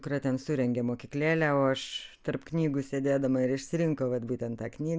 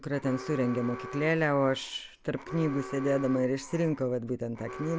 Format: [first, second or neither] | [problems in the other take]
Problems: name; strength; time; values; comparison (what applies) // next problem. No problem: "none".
first | background sound (Alarm); 14 dB below the speech